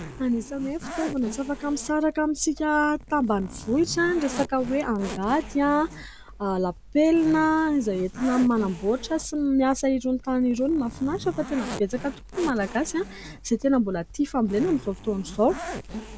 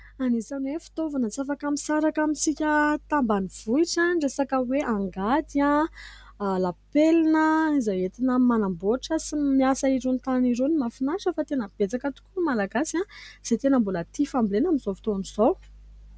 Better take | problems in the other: second | background sound (Zipper (clothing)); 14 dB below the speech

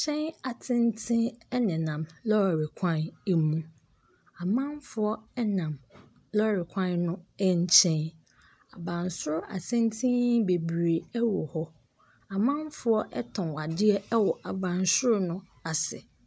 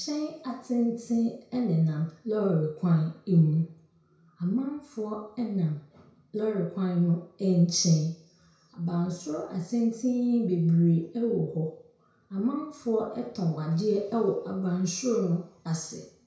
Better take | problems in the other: first | room echo; dies away in 0.5 s

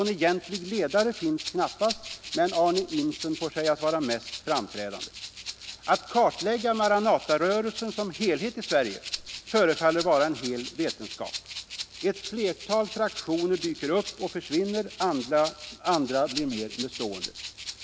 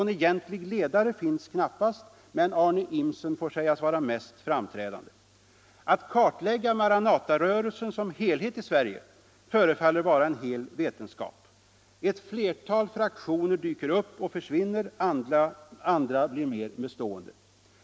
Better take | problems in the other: second | background sound (Rattle (instrument)); 12 dB below the speech

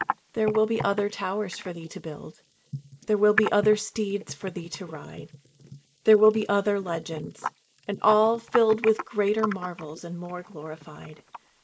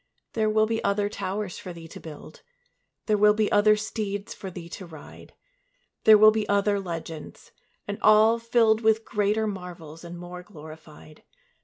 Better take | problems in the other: second | noise reduction (neural mask model Resemble Enhance denoiser)

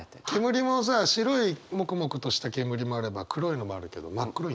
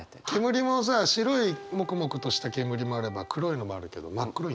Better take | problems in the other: first | background sound (Wind instrument, woodwind instrument); 18 dB below the speech

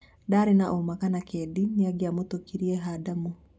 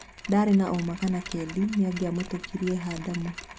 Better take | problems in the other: first | background sound (Mechanisms); 15 dB below the speech

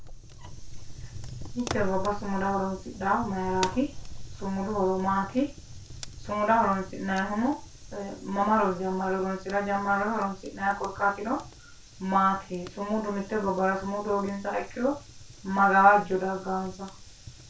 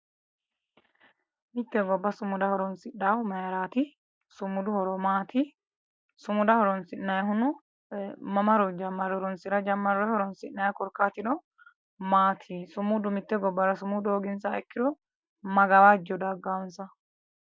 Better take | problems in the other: second | background sound (Fire); 12 dB below the speech // room echo; dies away in 0.3 s

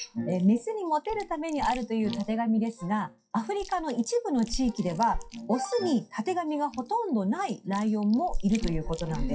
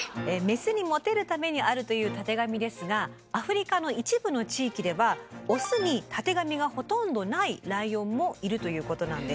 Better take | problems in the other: second | noise reduction (classical method WPE with log-MMSE)

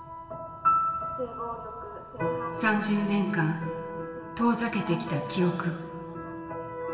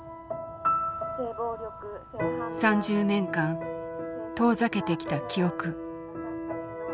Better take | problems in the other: second | room echo; dies away in 2.3 s

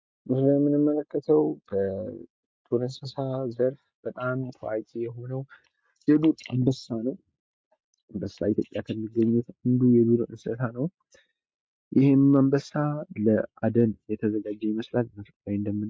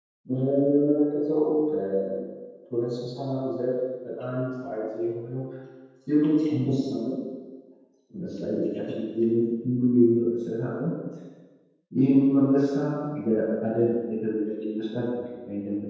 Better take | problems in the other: first | room echo; dies away in 1.2 s

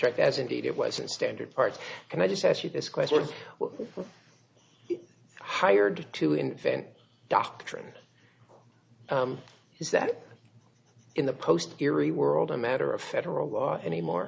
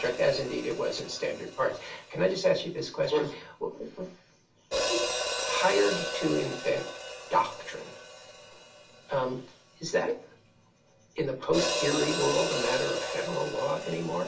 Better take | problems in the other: first | background sound (Hi-hat); 5 dB below the speech // room echo; dies away in 0.3 s

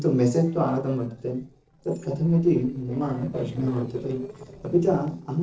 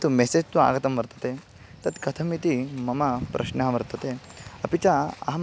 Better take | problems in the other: second | noise reduction (neural separator model SepFormer DNS4)

